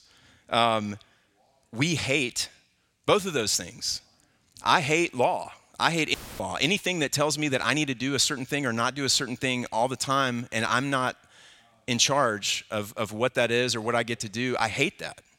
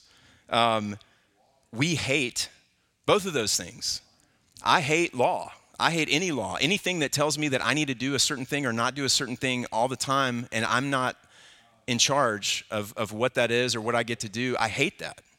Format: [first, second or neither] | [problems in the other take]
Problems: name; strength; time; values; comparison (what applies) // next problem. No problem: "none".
second | audio cutting out; filled with static; at 6 s